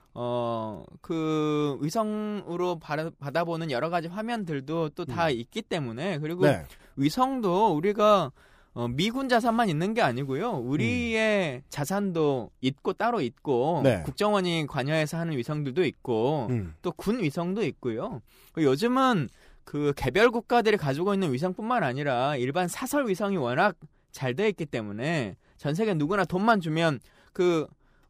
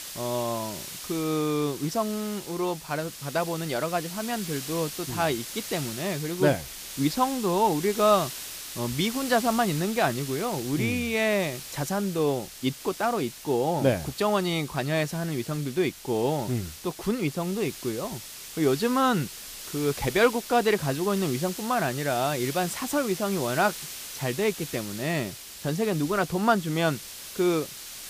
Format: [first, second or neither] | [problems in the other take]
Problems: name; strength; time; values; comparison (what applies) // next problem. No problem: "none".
first | hiss; loud; throughout; 10 dB below the speech